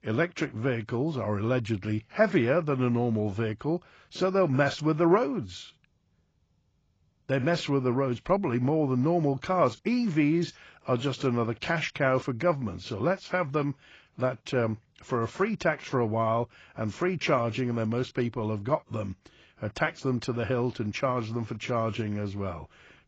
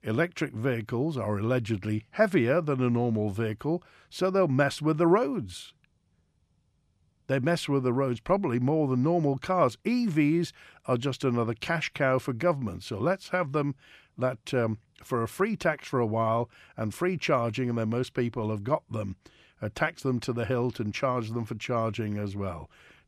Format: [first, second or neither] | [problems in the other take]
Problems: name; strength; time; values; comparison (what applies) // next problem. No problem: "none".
second | garbled, watery; badly; nothing above 7.5 kHz